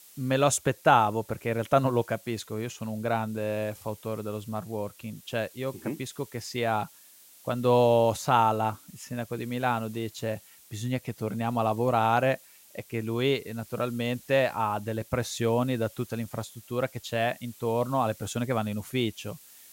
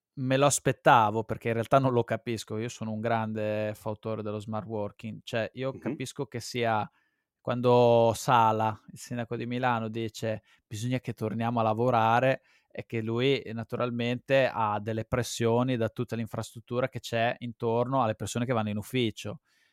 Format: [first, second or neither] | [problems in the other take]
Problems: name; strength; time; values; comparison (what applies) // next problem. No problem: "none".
second | hiss; faint; throughout; 20 dB below the speech